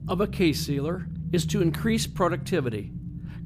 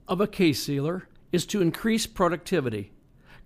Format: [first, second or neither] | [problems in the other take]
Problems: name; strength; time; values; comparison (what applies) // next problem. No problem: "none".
second | low rumble; noticeable; throughout; 15 dB below the speech